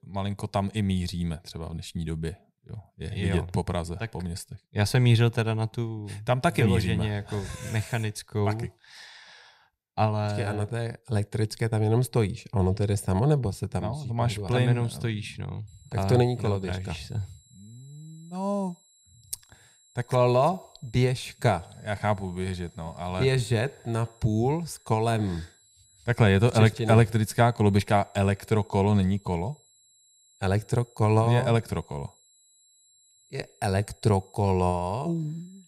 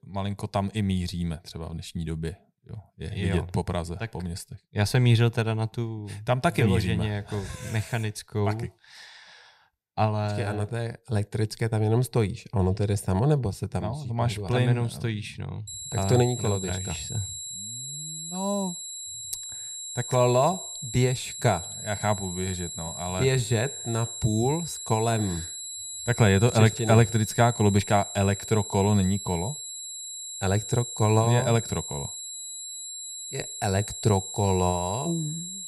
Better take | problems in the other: first | high-pitched whine; loud; from 16 s on; 7.5 kHz, 8 dB below the speech; faint in the first

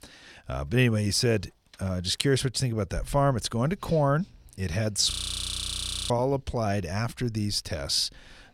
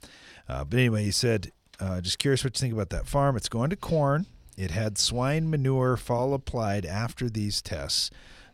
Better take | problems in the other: second | audio freezing; at 5 s for 1 s

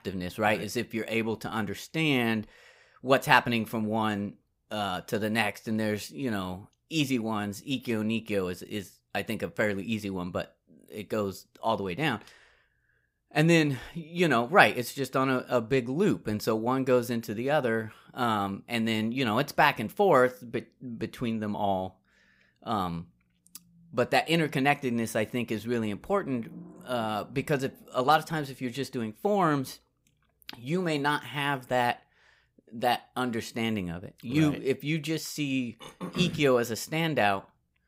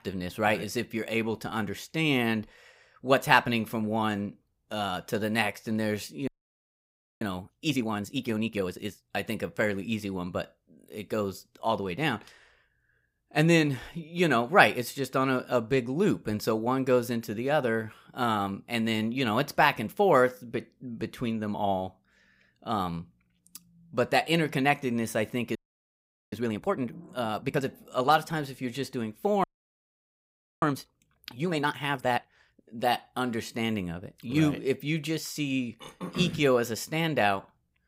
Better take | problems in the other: first | audio freezing; at 6.5 s for 1 s, at 26 s for 1 s and at 29 s for 1 s

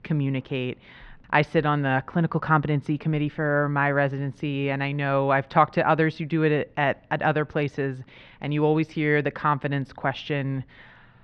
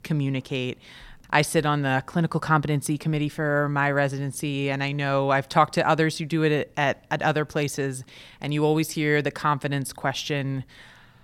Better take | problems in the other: second | muffled; very; fading above 3 kHz

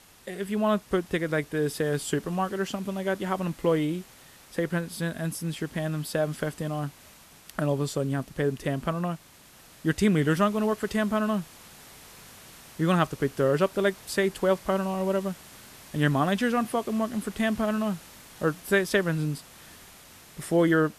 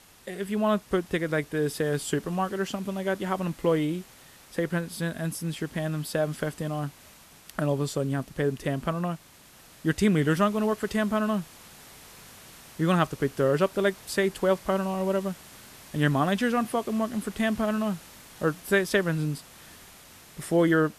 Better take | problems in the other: neither | hiss; faint; throughout; 20 dB below the speech; the same in both

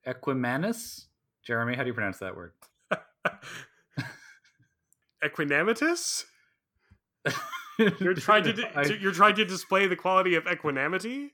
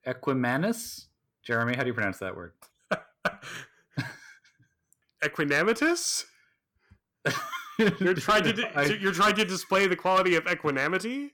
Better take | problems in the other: first | distortion; slight; 2% of the sound clipped

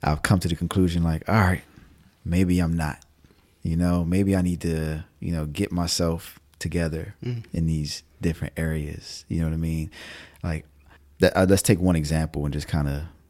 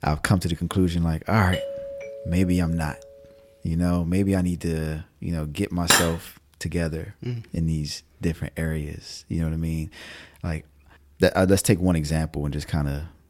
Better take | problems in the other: first | doorbell; noticeable; from 1.5 to 3 s; peak 6 dB below the speech // clattering dishes; loud; at 6 s; peak 6 dB above the speech

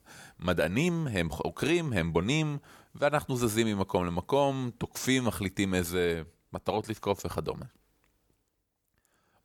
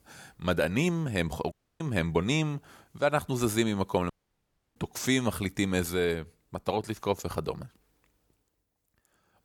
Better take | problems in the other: first | audio cutting out; at 1.5 s and at 4 s for 0.5 s

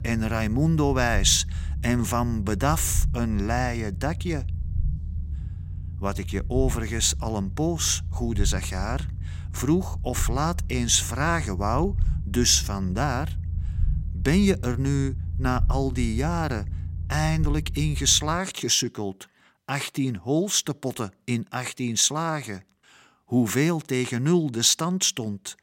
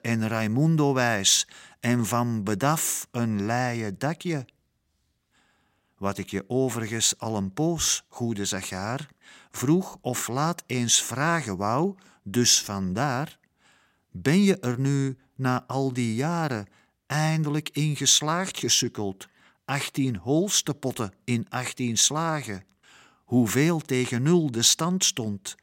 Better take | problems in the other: second | low rumble; faint; until 18 s; 20 dB below the speech

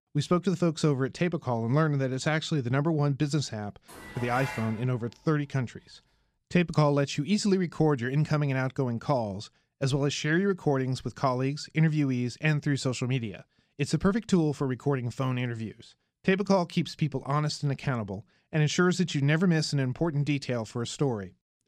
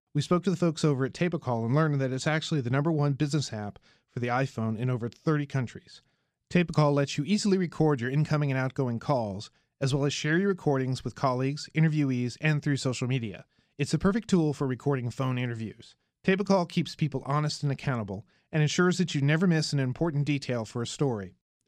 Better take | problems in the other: second | clattering dishes; noticeable; at 4 s; peak 9 dB below the speech

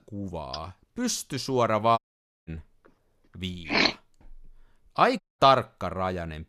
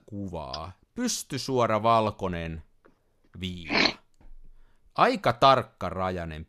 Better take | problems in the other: second | audio cutting out; at 2 s and at 5 s

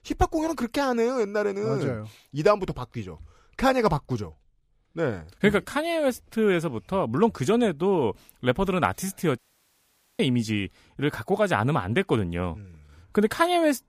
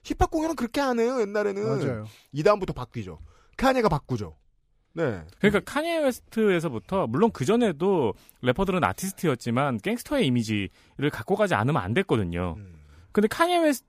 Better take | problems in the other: second | audio cutting out; at 9.5 s for 1 s

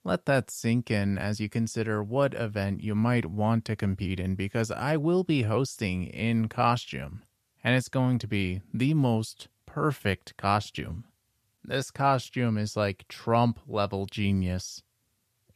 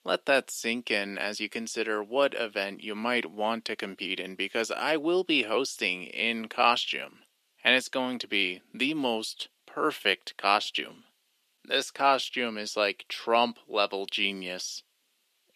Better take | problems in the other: first | thin; somewhat; fading below 300 Hz

